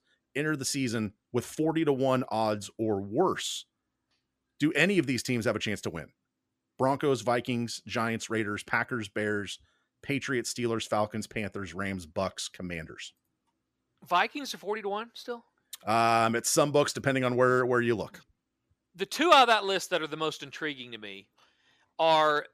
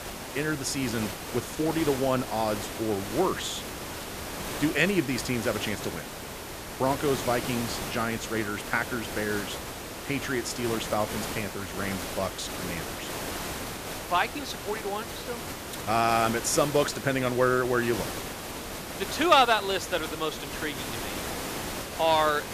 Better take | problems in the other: first | hiss; loud; throughout; 7 dB below the speech

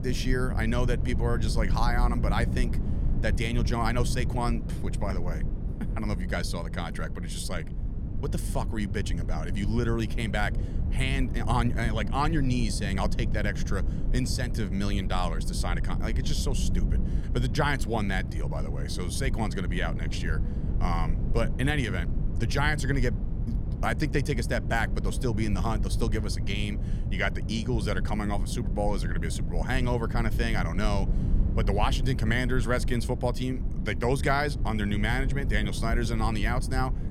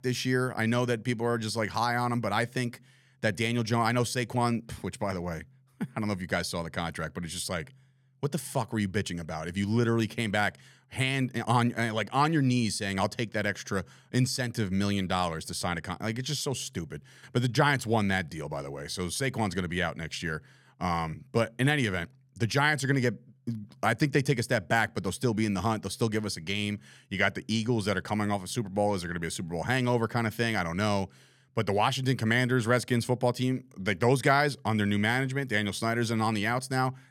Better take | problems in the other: second | low rumble; noticeable; throughout; 10 dB below the speech

